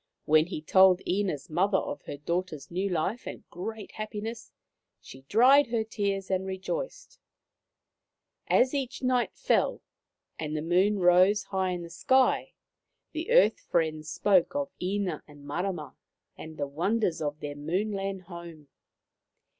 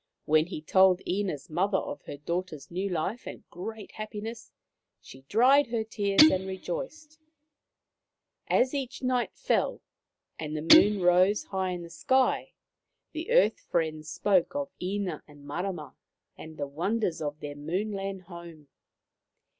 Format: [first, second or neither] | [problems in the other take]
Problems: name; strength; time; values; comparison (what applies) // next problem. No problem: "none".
first | background sound (Guitar); 1 dB above the speech